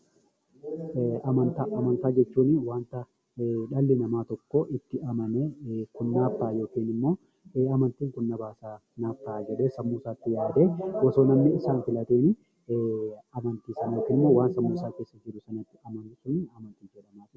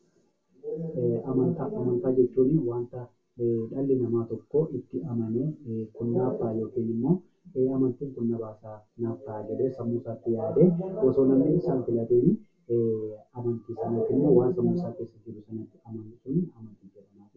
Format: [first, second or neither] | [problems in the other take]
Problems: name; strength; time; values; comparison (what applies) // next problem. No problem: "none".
first | room echo; dies away in 0.2 s